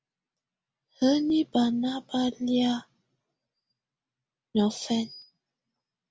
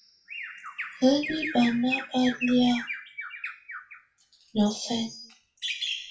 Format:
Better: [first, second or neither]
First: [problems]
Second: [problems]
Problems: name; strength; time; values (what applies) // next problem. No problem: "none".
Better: first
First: none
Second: noise reduction (classical method WPE with log-MMSE)